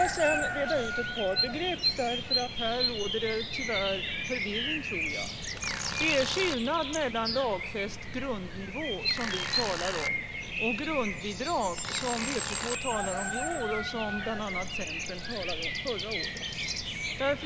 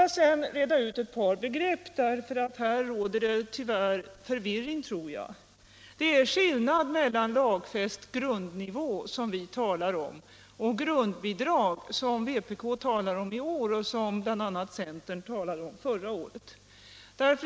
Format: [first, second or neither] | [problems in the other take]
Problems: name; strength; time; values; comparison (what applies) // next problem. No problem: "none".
second | background sound (Tools + Bird vocalization, bird call, bird song); as loud as the speech